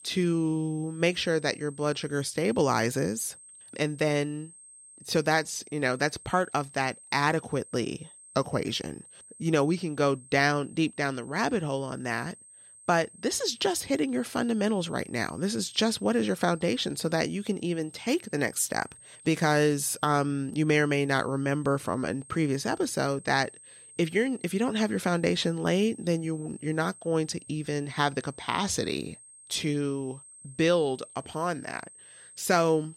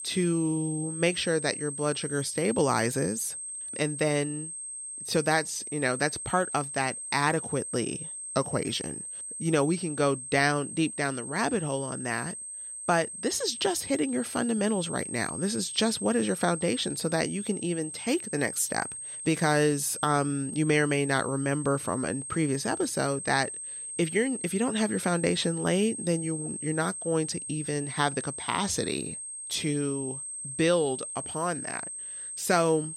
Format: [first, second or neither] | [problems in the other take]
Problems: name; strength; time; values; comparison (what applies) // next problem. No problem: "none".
first | high-pitched whine; loud; throughout; 8.5 kHz, 7 dB below the speech; faint in the first